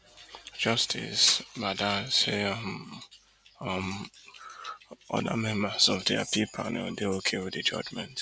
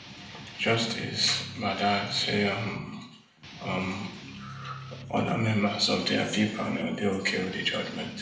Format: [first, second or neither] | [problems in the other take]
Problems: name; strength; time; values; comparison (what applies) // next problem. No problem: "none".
first | background sound (Guitar); 15 dB below the speech // room echo; dies away in 0.7 s